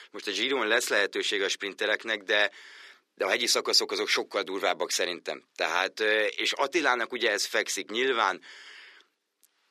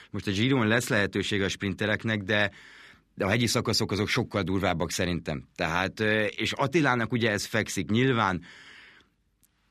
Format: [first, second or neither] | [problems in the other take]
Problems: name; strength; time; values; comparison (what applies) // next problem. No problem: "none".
second | thin; very; fading below 400 Hz